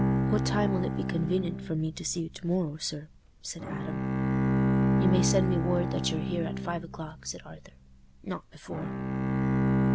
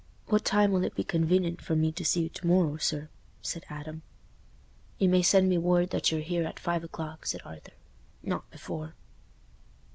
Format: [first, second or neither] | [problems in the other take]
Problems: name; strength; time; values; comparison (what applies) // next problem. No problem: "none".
second | background sound (Bowed string instrument); 4 dB above the speech